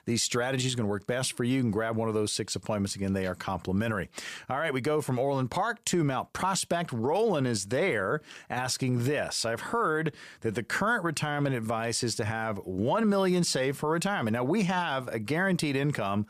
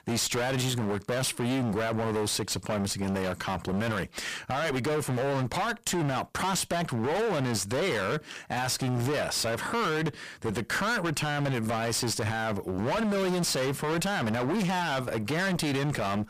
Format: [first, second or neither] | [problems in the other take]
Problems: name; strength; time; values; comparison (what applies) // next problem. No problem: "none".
first | distortion; heavy; 39% of the sound clipped